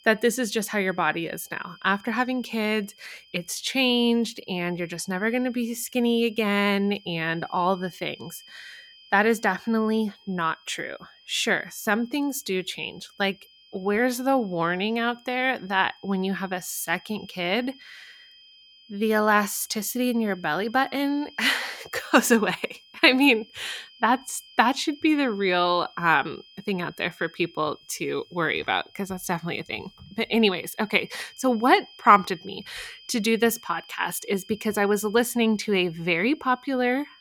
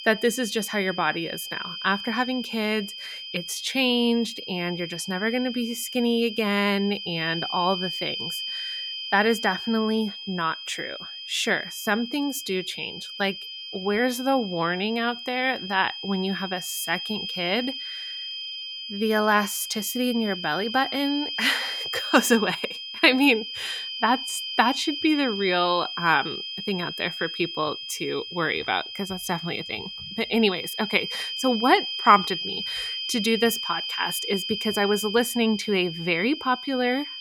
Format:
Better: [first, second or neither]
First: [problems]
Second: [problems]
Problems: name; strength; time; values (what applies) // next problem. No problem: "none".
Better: first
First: high-pitched whine; faint; throughout; 3 kHz, 25 dB below the speech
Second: high-pitched whine; loud; throughout; 3 kHz, 7 dB below the speech